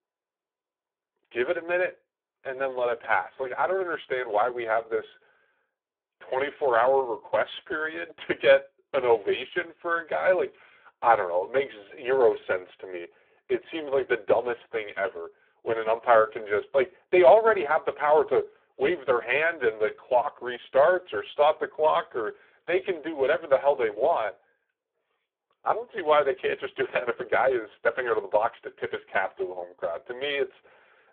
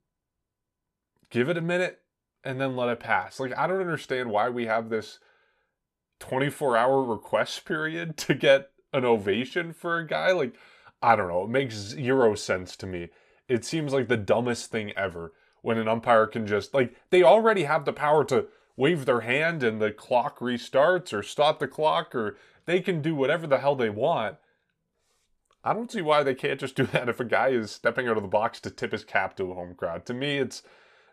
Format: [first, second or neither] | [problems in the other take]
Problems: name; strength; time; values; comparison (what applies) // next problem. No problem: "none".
second | phone-call audio; poor line